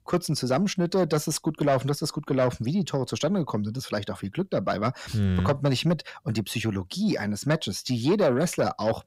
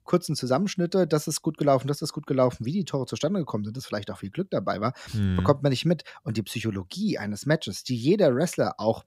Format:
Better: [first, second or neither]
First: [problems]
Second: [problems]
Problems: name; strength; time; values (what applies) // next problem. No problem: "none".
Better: second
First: distortion; slight; 10 dB below the speech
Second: none